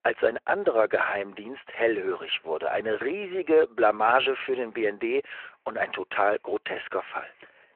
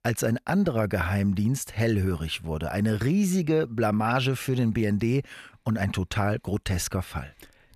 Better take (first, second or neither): second